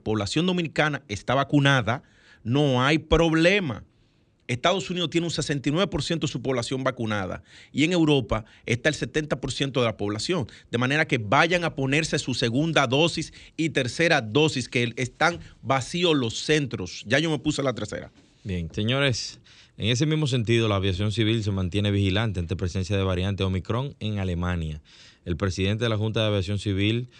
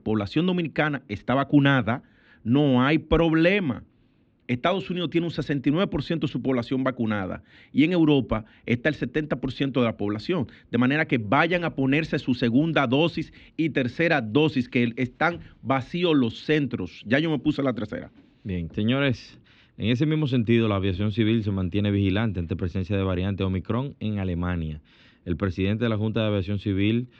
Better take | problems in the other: first | muffled; slightly; fading above 3 kHz

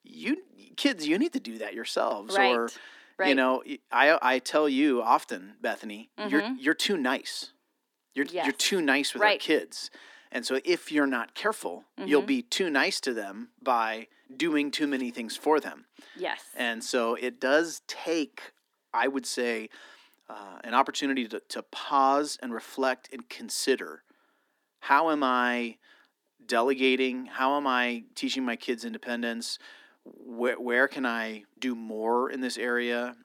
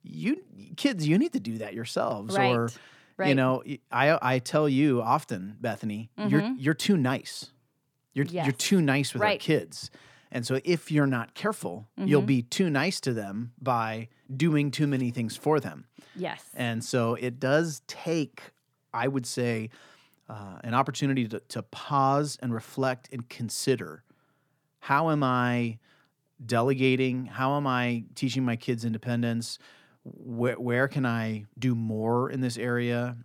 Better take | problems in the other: second | thin; very slightly; fading below 250 Hz

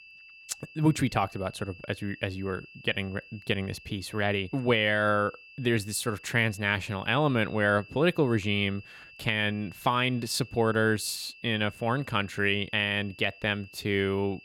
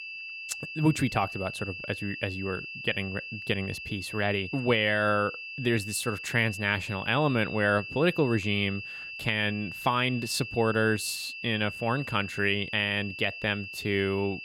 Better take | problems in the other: first | high-pitched whine; loud; throughout; 2.5 kHz, 9 dB below the speech; faint in the first

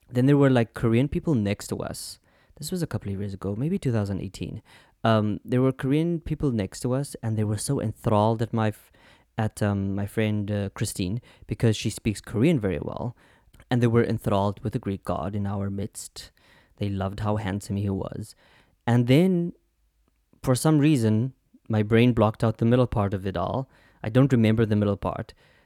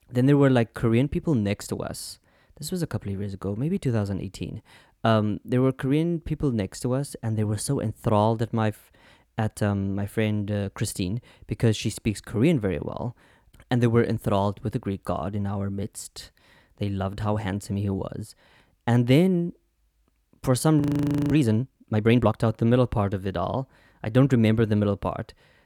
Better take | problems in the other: first | audio freezing; at 21 s for 0.5 s

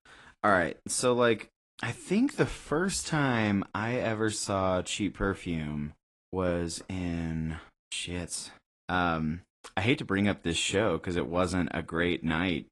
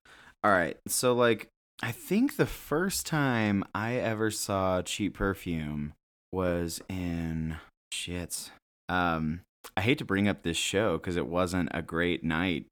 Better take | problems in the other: second | garbled, watery; slightly; nothing above 10.5 kHz

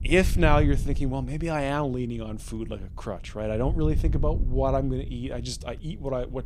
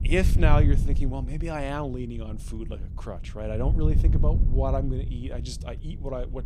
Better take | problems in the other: first | wind noise on the microphone; heavy; 9 dB below the speech; occasional gusts in the first

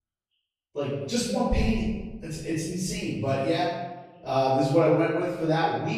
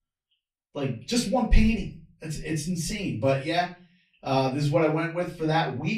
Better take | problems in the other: second | room echo; strong; dies away in 1 s; slight in the second // off-mic speech; far; far in the second

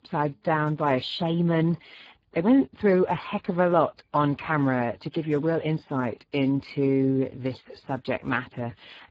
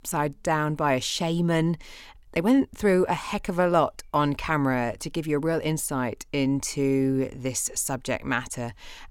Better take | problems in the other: second | garbled, watery; badly

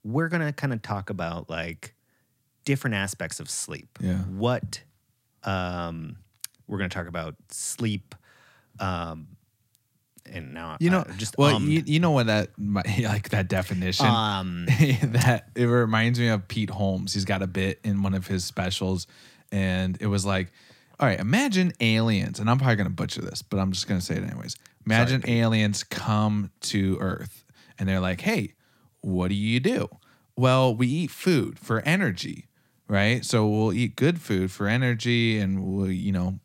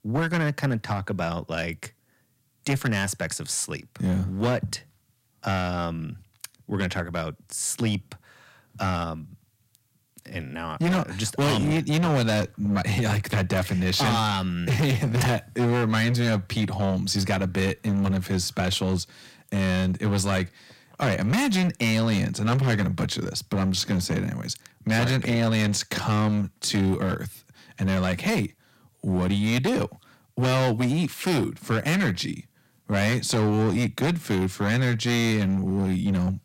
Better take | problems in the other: first | distortion; heavy; 15% of the sound clipped

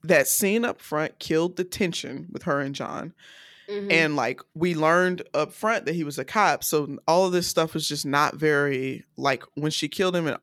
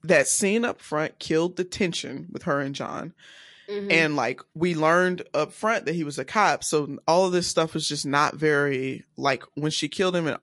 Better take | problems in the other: first | garbled, watery; slightly; nothing above 11.5 kHz

